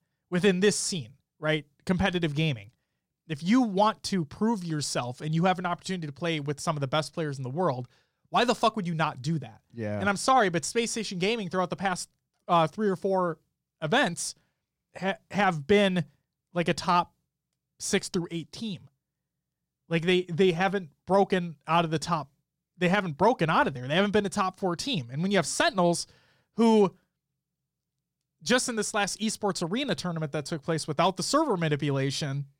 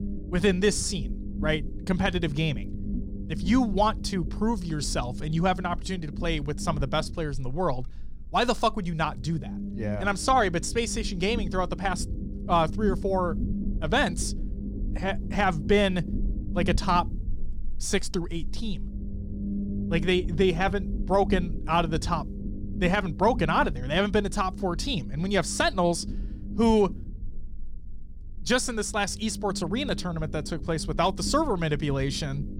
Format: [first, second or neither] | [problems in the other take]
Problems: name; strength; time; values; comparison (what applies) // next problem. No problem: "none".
first | low rumble; noticeable; throughout; 15 dB below the speech